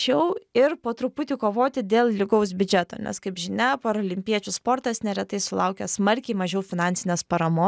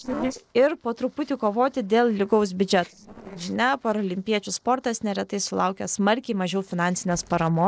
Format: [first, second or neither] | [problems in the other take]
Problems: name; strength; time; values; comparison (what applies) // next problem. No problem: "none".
first | noise reduction (neural separator model SepFormer DNS4)